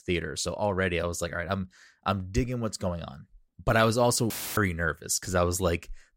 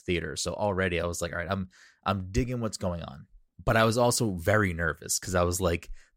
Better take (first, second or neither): second